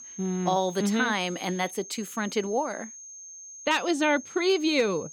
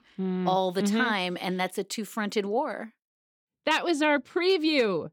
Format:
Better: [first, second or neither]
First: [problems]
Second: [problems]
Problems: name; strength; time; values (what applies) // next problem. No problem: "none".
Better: second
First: high-pitched whine; noticeable; throughout; 6.5 kHz, 15 dB below the speech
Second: none